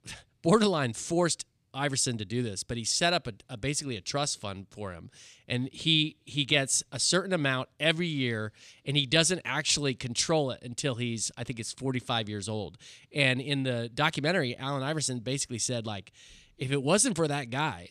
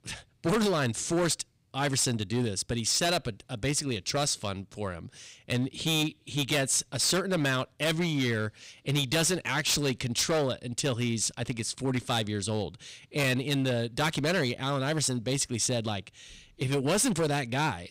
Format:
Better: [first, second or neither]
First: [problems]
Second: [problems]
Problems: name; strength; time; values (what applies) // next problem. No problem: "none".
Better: first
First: none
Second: distortion; heavy; 11% of the sound clipped